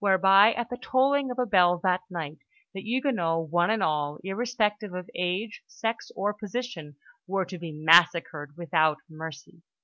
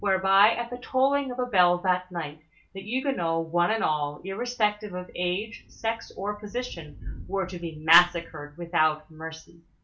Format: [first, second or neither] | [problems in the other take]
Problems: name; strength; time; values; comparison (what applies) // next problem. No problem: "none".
first | background sound (Thunder / Rain); 20 dB below the speech // room echo; dies away in 0.2 s